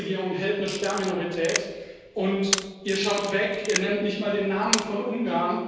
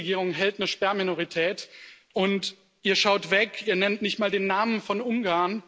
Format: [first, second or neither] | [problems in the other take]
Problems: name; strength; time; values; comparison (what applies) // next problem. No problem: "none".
second | background sound (Camera); 7 dB below the speech // room echo; dies away in 1.2 s